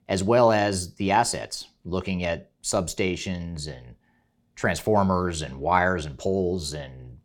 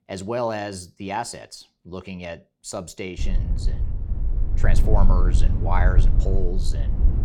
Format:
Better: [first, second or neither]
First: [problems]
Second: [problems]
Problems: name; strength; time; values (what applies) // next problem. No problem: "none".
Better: first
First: none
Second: low rumble; noticeable; from 3 s on; 10 dB below the speech